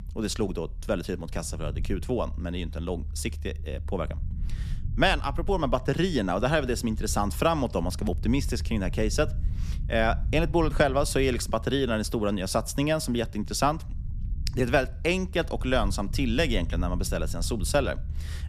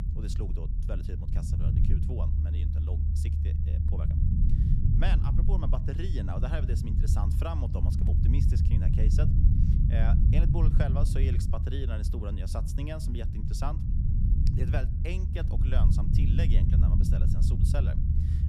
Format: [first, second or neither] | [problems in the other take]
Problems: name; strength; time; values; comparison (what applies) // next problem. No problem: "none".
first | low rumble; loud; throughout; as loud as the speech; faint in the first